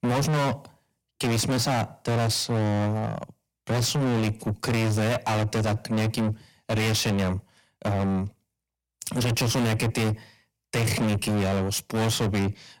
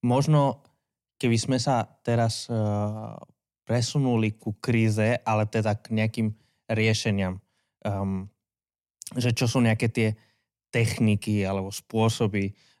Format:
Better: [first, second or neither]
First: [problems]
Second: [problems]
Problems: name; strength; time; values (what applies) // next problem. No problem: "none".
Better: second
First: distortion; heavy; 6 dB below the speech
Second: none